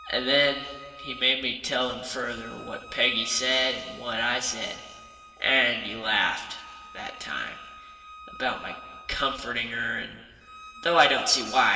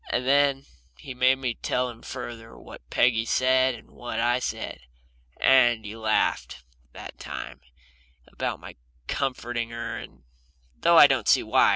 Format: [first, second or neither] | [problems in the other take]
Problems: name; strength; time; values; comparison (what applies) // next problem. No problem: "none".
second | background sound (Bowed string instrument); 18 dB below the speech // room echo; dies away in 2.5 s